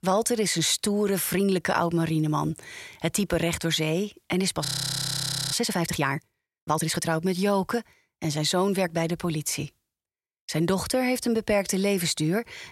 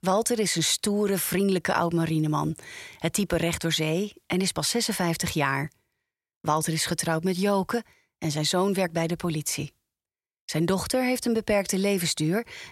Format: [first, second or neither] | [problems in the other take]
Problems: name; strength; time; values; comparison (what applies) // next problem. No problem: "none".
second | audio freezing; at 4.5 s for 1 s